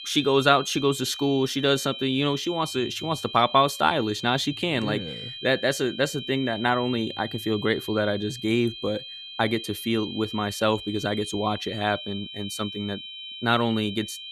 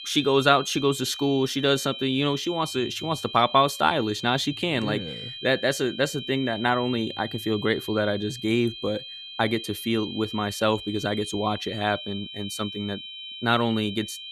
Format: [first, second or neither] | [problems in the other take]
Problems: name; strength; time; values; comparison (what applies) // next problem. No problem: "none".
neither | high-pitched whine; noticeable; throughout; 3 kHz, 10 dB below the speech; the same in both